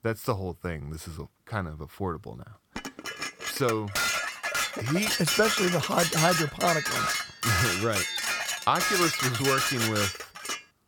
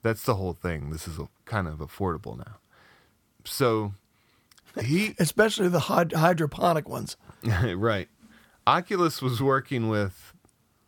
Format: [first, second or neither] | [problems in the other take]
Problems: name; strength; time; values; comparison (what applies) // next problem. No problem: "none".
second | clattering dishes; loud; from 3 s on; peak 5 dB above the speech